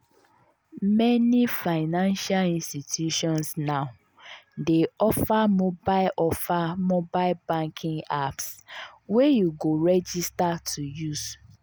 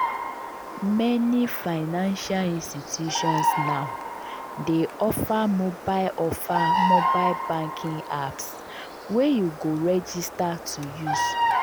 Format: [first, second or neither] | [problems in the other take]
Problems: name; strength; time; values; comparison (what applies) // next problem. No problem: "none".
first | background sound (Bird vocalization, bird call, bird song); 2 dB below the speech